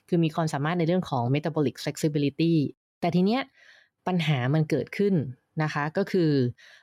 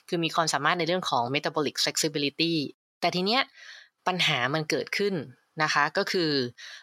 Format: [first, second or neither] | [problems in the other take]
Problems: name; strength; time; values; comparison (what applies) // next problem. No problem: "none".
first | thin; somewhat; fading below 900 Hz